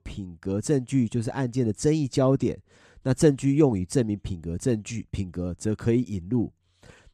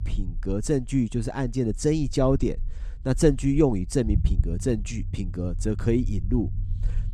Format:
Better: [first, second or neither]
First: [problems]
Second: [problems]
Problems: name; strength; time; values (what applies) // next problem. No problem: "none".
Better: first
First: none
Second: low rumble; faint; throughout; 20 dB below the speech